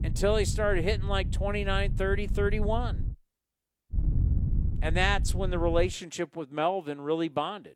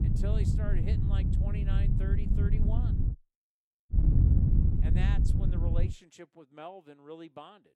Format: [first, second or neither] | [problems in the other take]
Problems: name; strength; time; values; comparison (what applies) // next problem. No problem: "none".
first | wind noise on the microphone; heavy; until 3 s and from 4 to 6 s; 3 dB above the speech; occasional gusts in the first